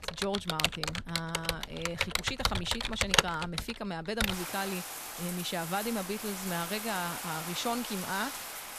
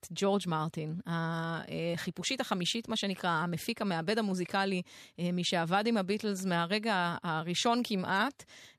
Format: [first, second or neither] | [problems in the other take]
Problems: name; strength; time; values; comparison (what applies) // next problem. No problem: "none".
second | household noises; very loud; throughout; 2 dB above the speech